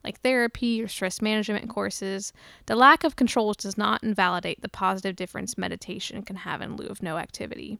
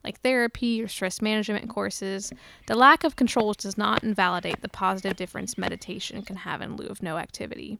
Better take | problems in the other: first | footsteps; noticeable; from 2.5 to 5.5 s; peak 7 dB below the speech

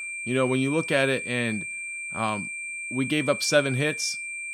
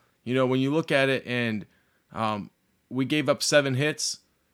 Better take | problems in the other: second | high-pitched whine; loud; throughout; 2.5 kHz, 6 dB below the speech

